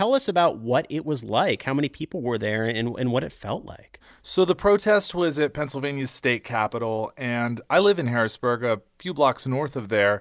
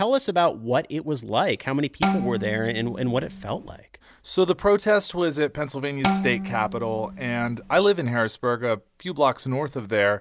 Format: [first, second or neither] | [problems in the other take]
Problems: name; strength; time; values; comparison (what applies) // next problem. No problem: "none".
first | background sound (Bowed string instrument); 5 dB below the speech